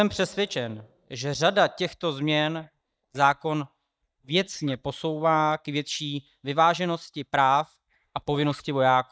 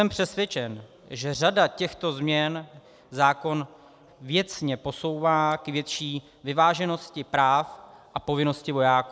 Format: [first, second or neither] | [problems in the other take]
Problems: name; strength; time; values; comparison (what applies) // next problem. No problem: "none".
second | noise reduction (neural mask model DeepFilterNet 3)